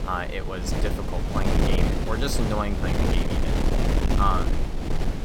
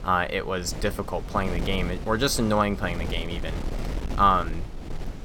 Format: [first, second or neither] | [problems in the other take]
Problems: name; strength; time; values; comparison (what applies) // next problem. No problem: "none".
second | wind noise on the microphone; heavy; 2 dB below the speech; occasional gusts in the second